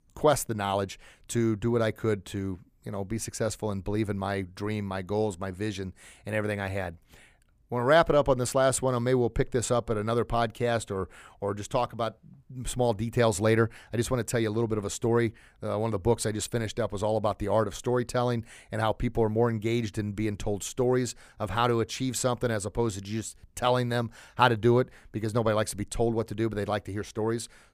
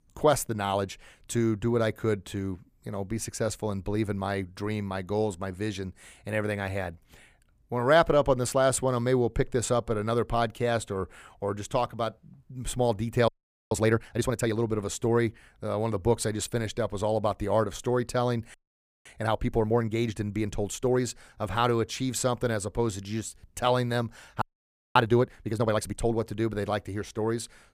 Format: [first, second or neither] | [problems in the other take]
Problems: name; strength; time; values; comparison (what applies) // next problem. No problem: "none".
first | audio freezing; at 13 s, at 19 s for 0.5 s and at 24 s for 0.5 s